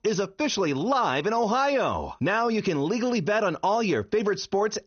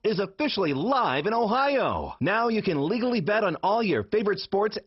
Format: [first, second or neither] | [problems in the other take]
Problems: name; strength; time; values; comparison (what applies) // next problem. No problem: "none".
first | garbled, watery; badly; nothing above 5.5 kHz; slightly in the first